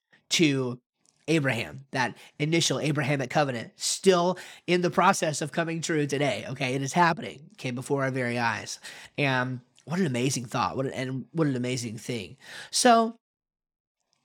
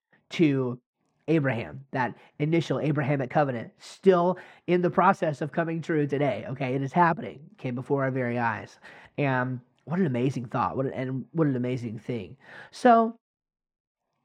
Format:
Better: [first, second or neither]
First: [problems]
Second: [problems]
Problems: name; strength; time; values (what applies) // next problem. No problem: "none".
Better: first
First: none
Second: muffled; very; fading above 3 kHz